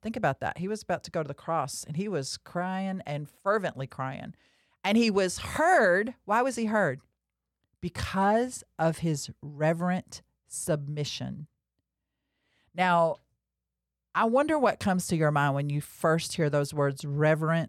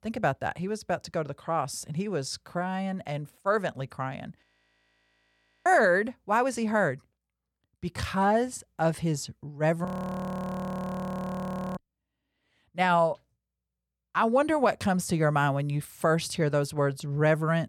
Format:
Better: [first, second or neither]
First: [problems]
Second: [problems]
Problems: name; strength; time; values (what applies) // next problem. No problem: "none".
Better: first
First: none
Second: audio freezing; at 4.5 s for 1 s and at 10 s for 2 s